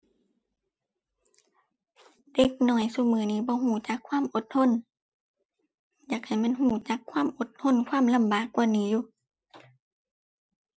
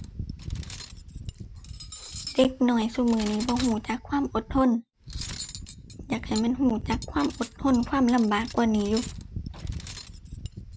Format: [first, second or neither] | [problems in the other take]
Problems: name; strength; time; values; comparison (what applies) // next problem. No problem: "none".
first | background sound (Cutlery, silverware); 10 dB below the speech